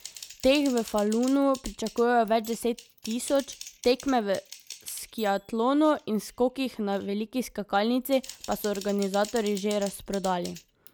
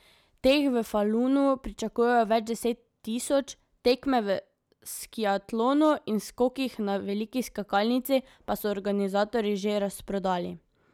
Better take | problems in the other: second | background sound (Typing); 19 dB below the speech

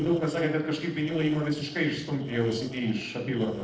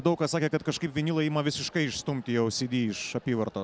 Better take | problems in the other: second | noise reduction (neural separator model SepFormer DNS4)

